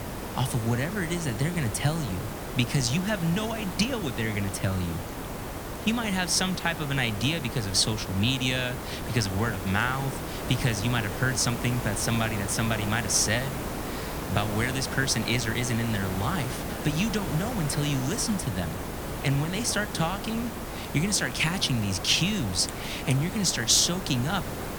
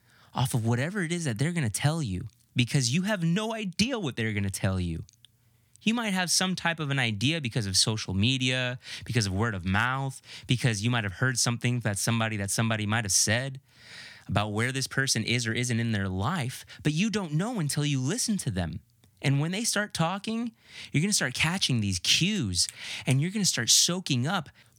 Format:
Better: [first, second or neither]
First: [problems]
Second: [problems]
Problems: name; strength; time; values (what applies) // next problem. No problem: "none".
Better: second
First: hiss; loud; throughout; 7 dB below the speech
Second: none